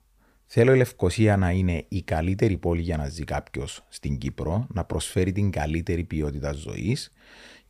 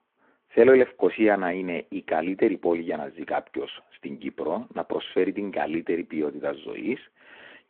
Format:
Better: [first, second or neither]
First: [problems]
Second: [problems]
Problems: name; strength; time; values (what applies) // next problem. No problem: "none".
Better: first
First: none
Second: phone-call audio